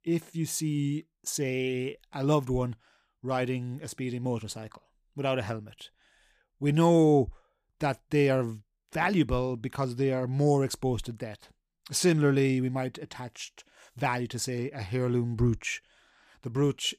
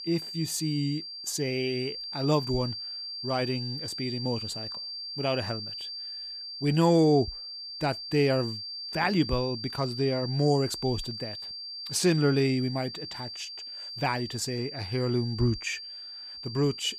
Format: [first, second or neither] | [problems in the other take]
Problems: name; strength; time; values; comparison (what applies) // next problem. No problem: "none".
first | high-pitched whine; loud; throughout; 4.5 kHz, 7 dB below the speech